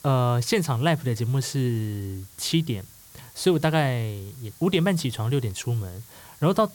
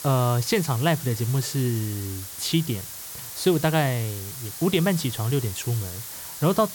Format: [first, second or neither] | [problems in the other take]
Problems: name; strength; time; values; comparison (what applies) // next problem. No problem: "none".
first | hiss; loud; throughout; 9 dB below the speech; faint in the first